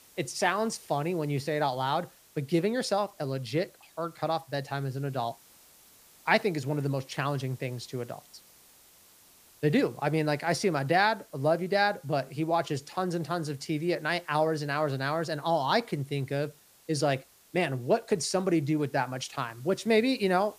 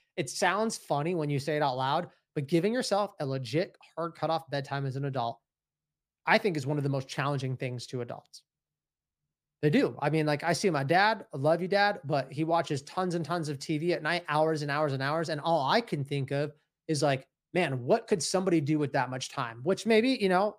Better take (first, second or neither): second